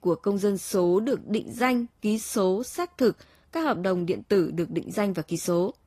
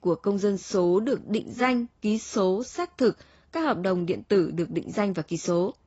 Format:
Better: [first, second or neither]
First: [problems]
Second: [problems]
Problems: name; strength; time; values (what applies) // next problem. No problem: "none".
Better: first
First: garbled, watery; slightly; nothing above 14.5 kHz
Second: garbled, watery; badly; nothing above 7.5 kHz